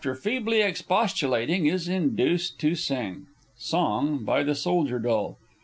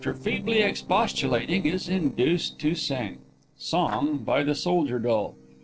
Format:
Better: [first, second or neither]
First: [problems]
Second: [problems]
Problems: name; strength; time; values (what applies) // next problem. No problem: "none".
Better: first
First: none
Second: noise reduction (neural separator model SepFormer DNS4)